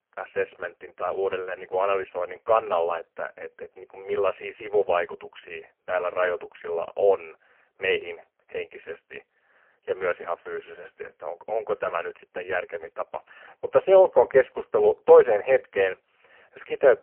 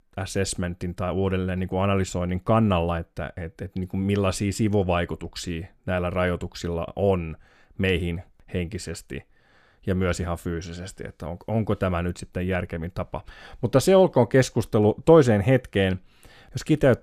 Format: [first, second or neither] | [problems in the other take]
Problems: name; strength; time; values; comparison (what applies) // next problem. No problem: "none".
second | phone-call audio; poor line; nothing above 3 kHz